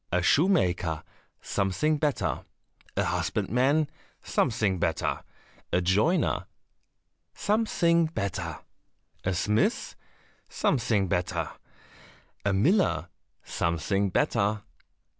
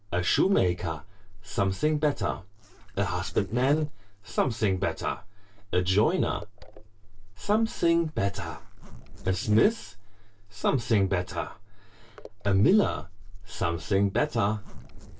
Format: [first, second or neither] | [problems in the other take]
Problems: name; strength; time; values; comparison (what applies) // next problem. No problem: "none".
first | noise reduction (neural separator model SepFormer DNS4)